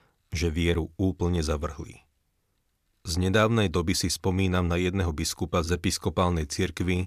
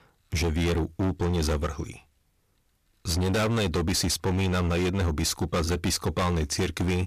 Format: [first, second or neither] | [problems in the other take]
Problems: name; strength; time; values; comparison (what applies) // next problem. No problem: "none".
first | distortion; heavy; 23% of the sound clipped